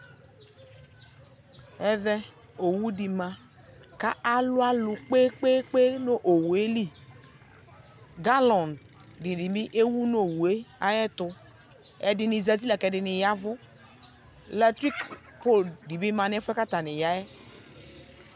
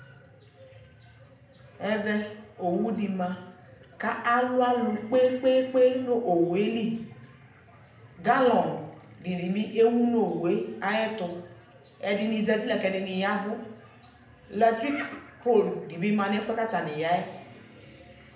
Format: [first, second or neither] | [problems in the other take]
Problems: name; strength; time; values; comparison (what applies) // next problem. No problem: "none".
first | room echo; dies away in 0.7 s